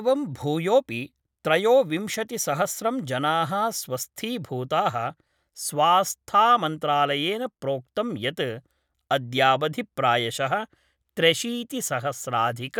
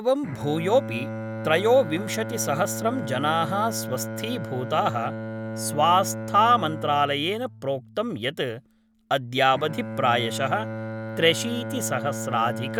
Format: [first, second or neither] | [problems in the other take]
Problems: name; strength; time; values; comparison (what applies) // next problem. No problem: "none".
first | background sound (Bowed string instrument); 8 dB below the speech